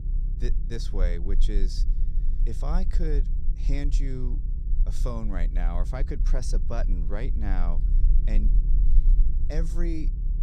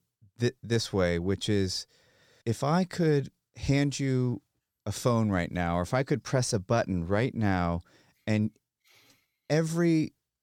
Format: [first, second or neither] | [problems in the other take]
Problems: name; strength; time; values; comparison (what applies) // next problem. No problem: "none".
second | low rumble; noticeable; throughout; 10 dB below the speech